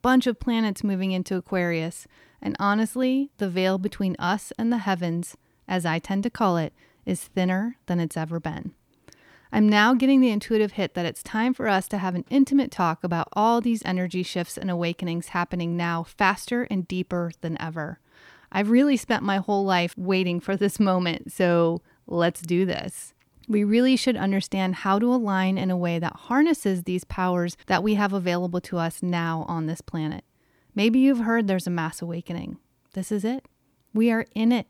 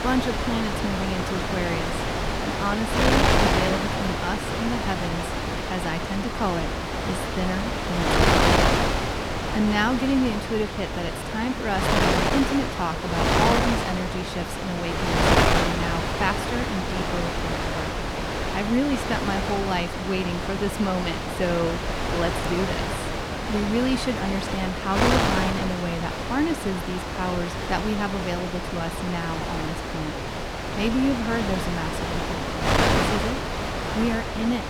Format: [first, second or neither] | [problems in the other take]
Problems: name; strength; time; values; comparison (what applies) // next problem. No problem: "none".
first | wind noise on the microphone; heavy; 4 dB above the speech